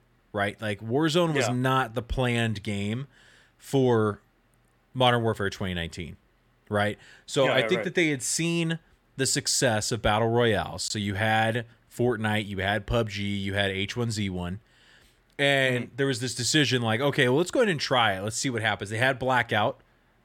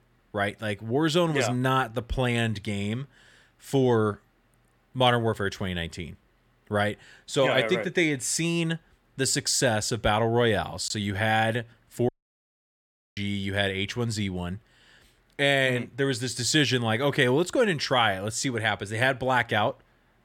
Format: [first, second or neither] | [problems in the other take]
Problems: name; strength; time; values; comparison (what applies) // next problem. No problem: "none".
first | audio cutting out; at 12 s for 1 s